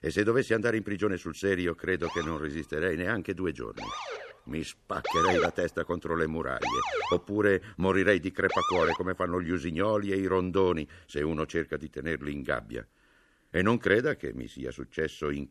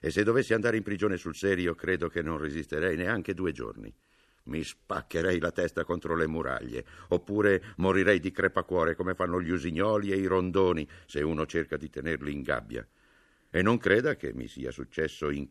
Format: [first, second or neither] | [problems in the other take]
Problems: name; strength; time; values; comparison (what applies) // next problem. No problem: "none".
second | siren; loud; from 2 to 9 s; peak 3 dB above the speech